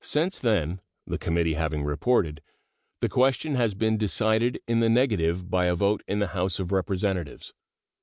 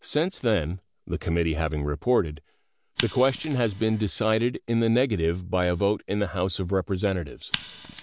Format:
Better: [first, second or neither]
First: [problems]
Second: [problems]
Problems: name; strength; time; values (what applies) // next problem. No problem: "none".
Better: first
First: none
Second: background sound (Scissors); 17 dB below the speech